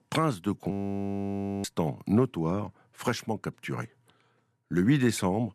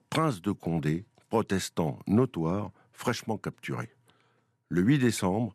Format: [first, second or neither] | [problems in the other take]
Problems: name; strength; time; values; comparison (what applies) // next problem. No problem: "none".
second | audio freezing; at 0.5 s for 1 s